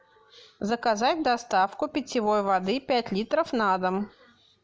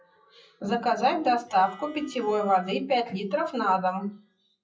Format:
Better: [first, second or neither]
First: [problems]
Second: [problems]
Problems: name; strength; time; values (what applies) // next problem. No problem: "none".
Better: first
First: none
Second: noise reduction (classical method WPE with log-MMSE)